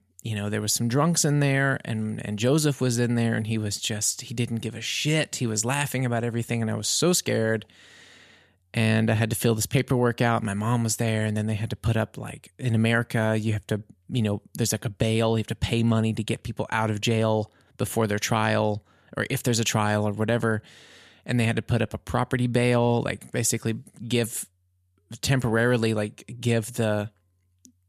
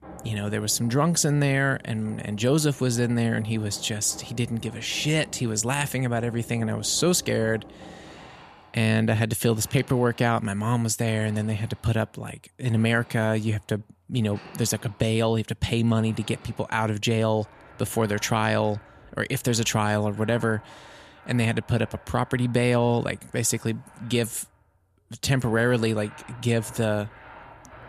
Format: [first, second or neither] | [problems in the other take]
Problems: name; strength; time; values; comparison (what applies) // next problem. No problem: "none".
first | machinery noise; faint; throughout; 20 dB below the speech